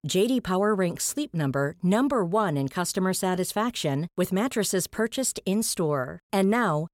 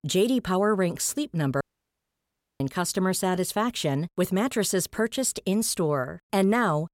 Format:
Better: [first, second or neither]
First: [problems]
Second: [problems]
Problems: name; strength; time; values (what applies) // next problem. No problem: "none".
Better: first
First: none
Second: audio cutting out; at 1.5 s for 1 s